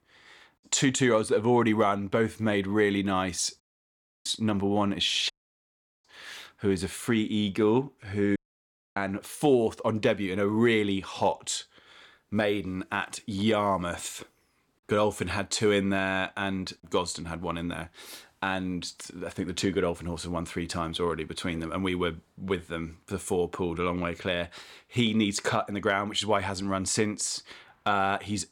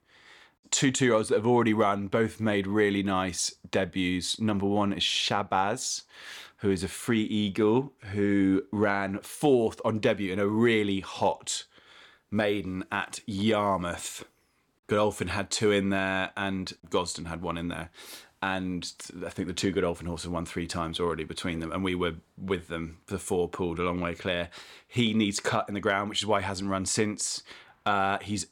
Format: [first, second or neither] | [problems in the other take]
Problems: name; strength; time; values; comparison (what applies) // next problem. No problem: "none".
second | audio cutting out; at 3.5 s for 0.5 s, at 5.5 s for 0.5 s and at 8.5 s for 0.5 s